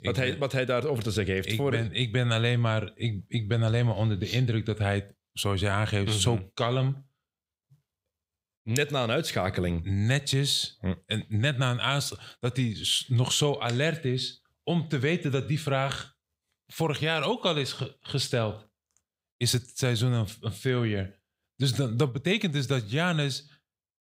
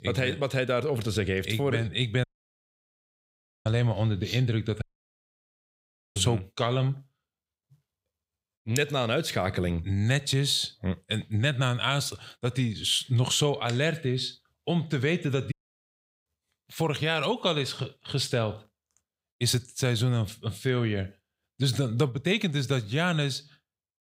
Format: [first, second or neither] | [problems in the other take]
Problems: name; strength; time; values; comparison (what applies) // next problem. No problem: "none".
first | audio cutting out; at 2 s for 1.5 s, at 5 s for 1.5 s and at 16 s for 0.5 s